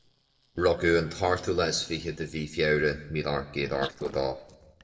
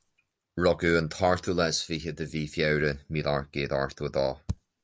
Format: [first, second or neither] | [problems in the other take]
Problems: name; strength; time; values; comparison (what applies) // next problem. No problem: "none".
second | noise reduction (neural separator model SepFormer DNS4)